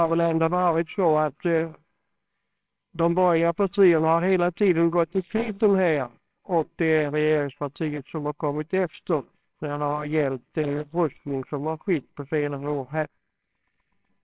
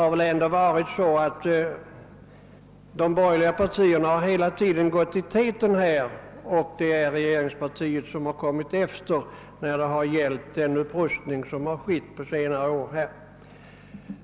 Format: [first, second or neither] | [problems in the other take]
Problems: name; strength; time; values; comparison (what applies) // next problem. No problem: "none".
second | noise reduction (neural separator model SepFormer WHAMR!)